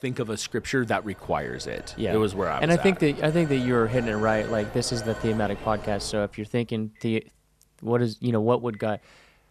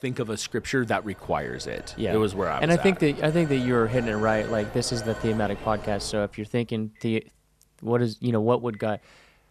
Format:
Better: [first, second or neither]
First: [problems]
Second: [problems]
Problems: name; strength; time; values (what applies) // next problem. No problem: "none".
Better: neither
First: alarms or sirens; noticeable; throughout; 15 dB below the speech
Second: alarms or sirens; noticeable; throughout; 15 dB below the speech